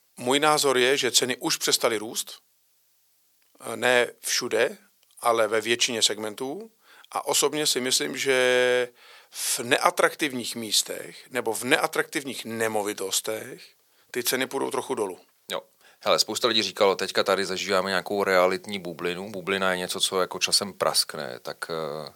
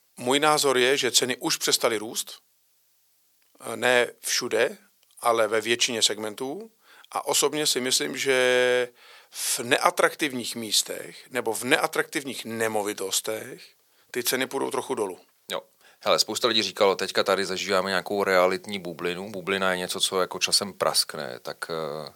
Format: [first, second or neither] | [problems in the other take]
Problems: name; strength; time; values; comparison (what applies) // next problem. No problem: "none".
neither | thin; somewhat; fading below 400 Hz; the same in both